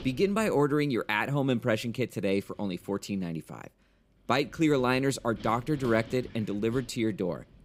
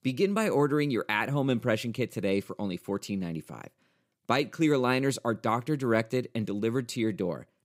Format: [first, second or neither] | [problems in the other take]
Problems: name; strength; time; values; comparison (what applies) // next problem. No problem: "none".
second | wind noise on the microphone; occasional gusts; 25 dB below the speech